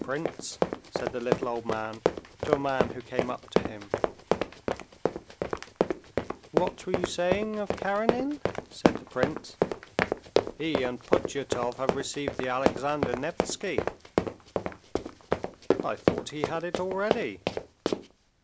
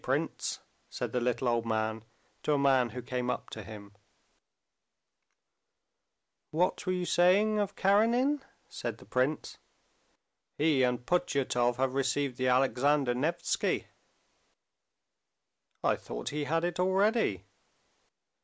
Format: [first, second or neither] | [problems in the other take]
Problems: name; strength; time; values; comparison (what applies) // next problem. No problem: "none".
second | background sound (Run); 3 dB above the speech